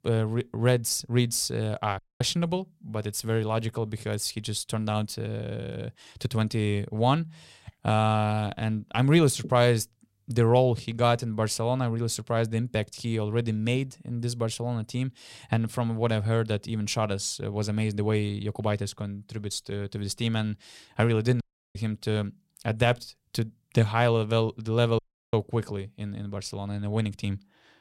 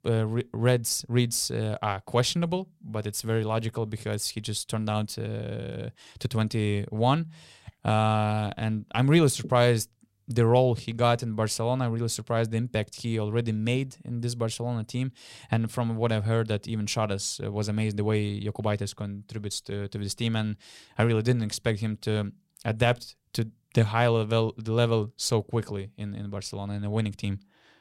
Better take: second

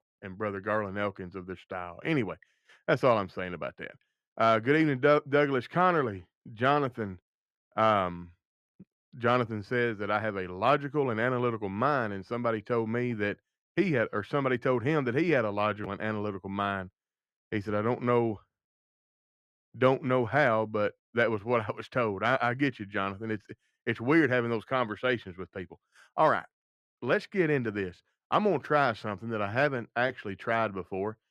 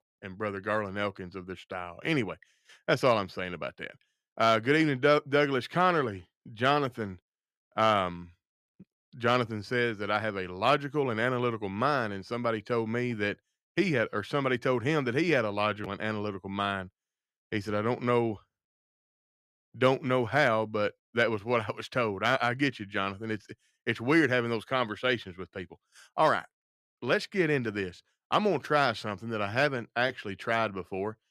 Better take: second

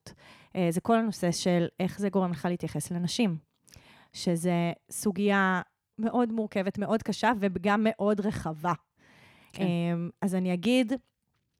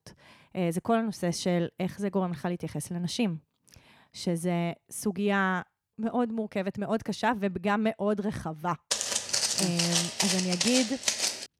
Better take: first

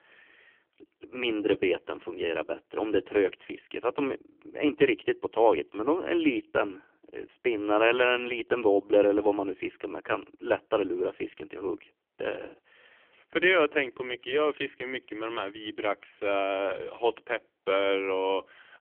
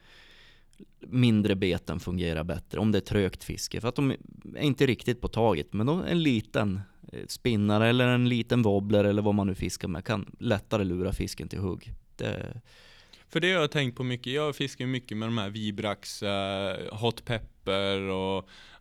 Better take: second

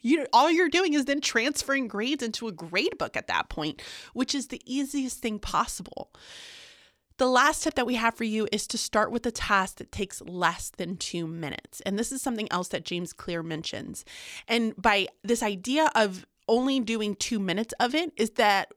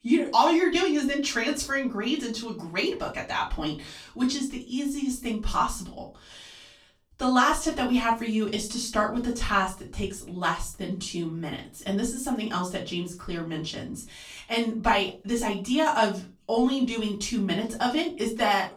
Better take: first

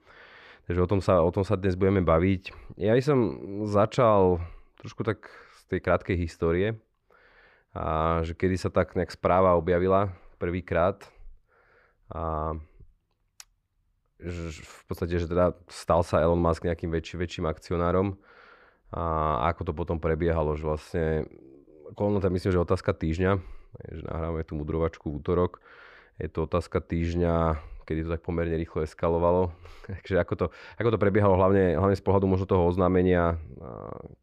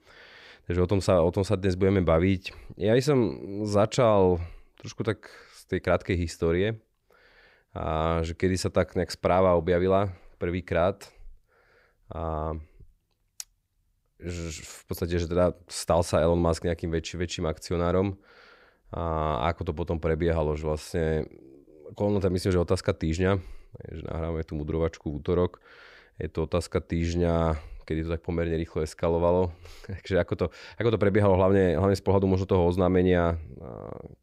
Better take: second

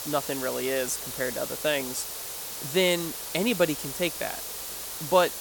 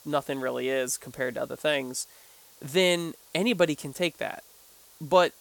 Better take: second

